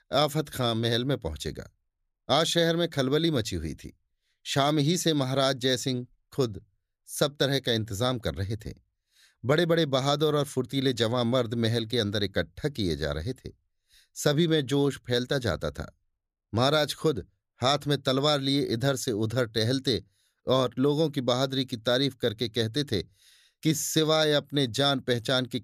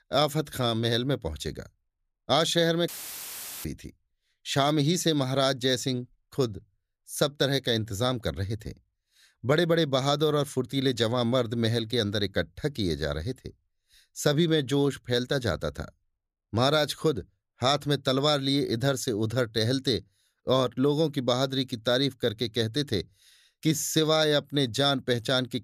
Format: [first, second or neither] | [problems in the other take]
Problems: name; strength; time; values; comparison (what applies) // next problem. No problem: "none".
first | audio cutting out; filled with static; at 3 s for 1 s